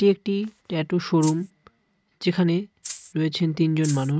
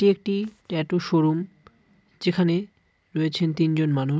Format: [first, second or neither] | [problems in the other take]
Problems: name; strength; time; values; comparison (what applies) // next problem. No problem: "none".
second | noise reduction (neural mask model RNNoise)